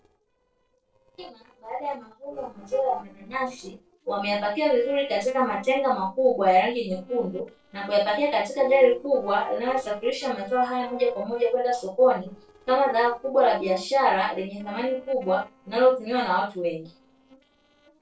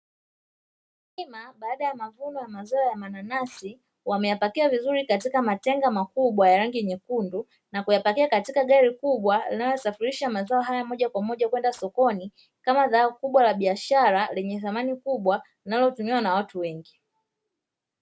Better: second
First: noise reduction (neural separator model SepFormer DNS4)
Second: none

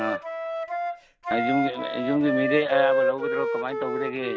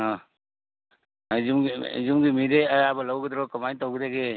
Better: second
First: background sound (Wind instrument, woodwind instrument); as loud as the speech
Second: none

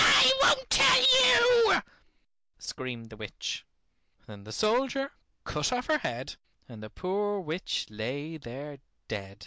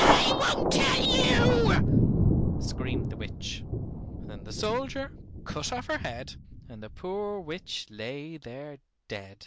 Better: first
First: none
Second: background sound (Thunder); 3 dB above the speech

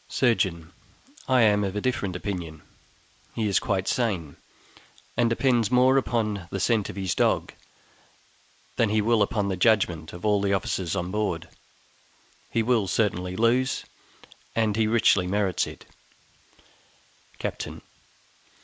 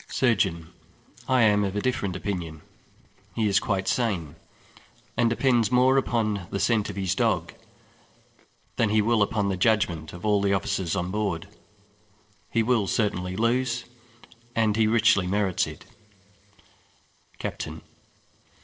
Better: first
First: none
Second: noise reduction (neural separator model SepFormer DNS4)

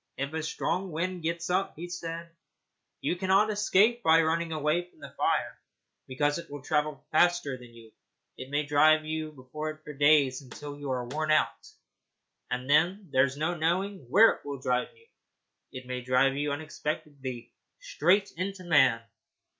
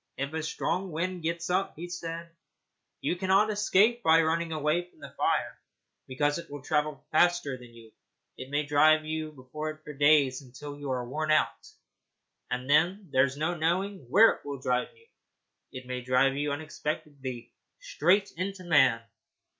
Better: second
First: background sound (Snare drum); 20 dB below the speech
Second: none

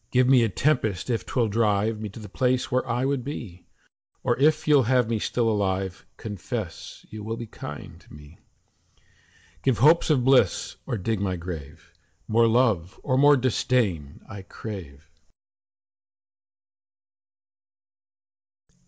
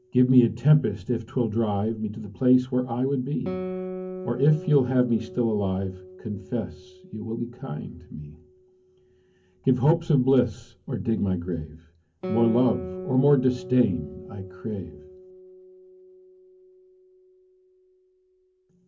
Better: first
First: none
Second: background sound (Guitar); 14 dB below the speech // room echo; dies away in 0.3 s

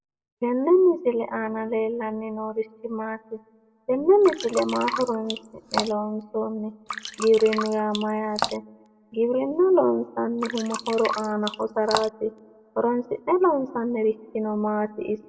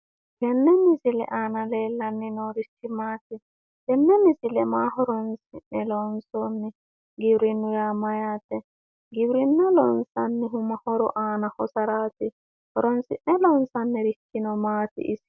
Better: second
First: background sound (Drip); 9 dB below the speech // room echo; dies away in 1.3 s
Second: none

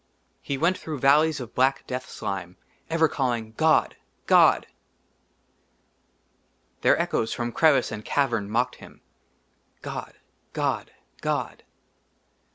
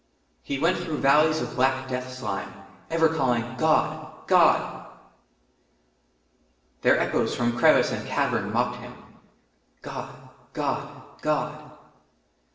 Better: first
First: none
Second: room echo; dies away in 1.1 s

